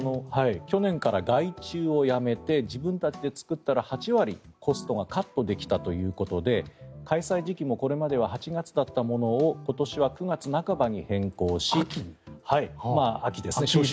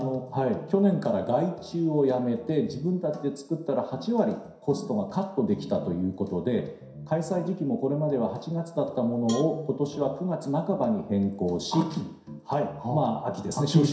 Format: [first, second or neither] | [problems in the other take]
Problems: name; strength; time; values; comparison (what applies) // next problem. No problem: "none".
first | background sound (Cowbell); 19 dB below the speech // room echo; dies away in 0.7 s